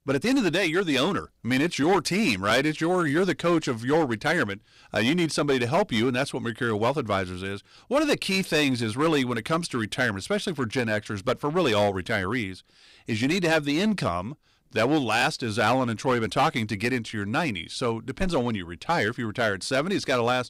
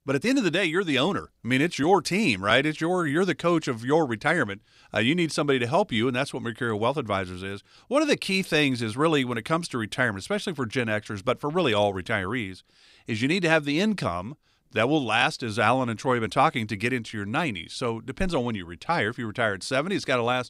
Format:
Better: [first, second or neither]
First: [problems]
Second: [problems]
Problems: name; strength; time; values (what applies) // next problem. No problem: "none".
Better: second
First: distortion; slight; 6% of the sound clipped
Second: none